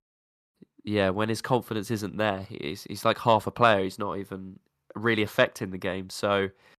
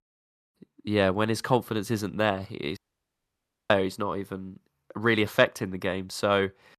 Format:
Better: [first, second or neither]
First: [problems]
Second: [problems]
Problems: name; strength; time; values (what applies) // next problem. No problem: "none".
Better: first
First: none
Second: audio cutting out; at 3 s for 1 s